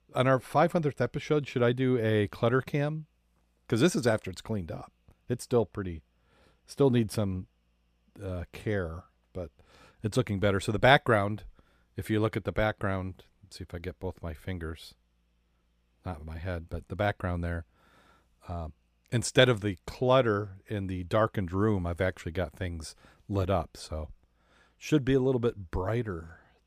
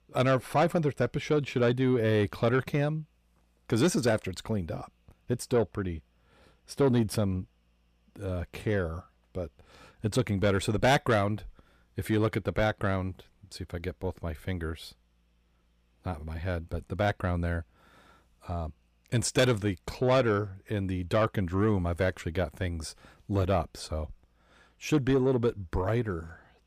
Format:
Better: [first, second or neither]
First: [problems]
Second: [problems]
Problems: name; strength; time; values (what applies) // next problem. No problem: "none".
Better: first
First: none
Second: distortion; slight; 10 dB below the speech